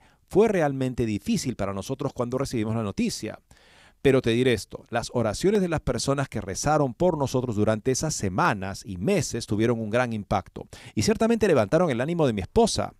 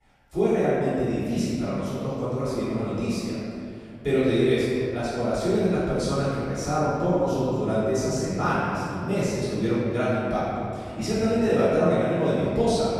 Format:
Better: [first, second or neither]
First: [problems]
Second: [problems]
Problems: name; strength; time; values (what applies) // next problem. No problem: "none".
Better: first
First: none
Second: room echo; strong; dies away in 2.4 s // off-mic speech; far